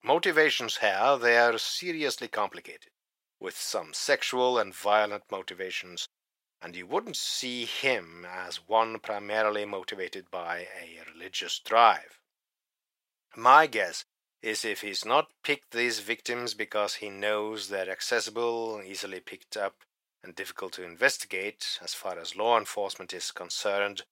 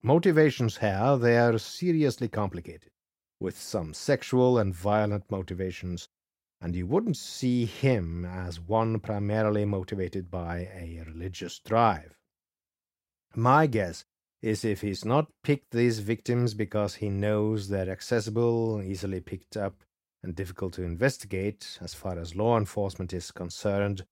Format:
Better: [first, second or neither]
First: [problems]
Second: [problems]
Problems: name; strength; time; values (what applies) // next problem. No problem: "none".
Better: second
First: thin; very; fading below 750 Hz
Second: none